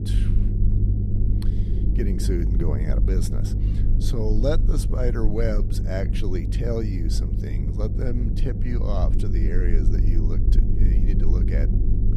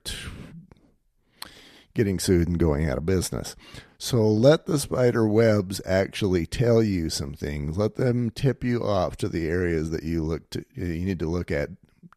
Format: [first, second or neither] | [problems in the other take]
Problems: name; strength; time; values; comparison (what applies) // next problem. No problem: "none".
second | low rumble; loud; throughout; 5 dB below the speech